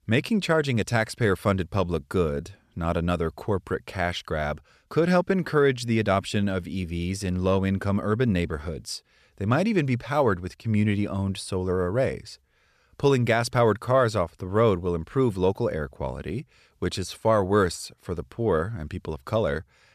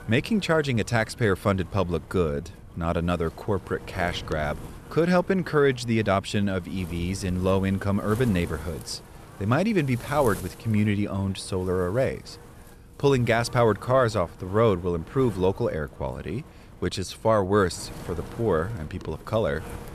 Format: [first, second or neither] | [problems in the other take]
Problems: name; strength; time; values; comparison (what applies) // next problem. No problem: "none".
first | wind noise on the microphone; occasional gusts; 20 dB below the speech